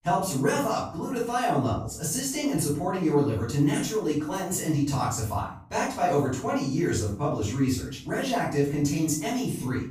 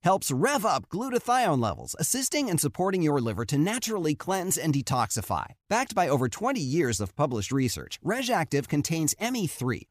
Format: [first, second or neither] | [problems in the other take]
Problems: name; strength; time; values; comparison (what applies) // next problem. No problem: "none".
second | off-mic speech; far // room echo; noticeable; dies away in 0.4 s